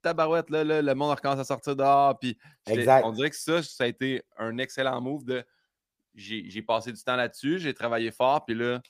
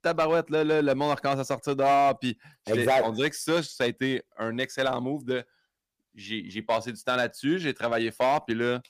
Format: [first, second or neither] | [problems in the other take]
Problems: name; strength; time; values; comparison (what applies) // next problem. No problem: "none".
first | distortion; slight; 4% of the sound clipped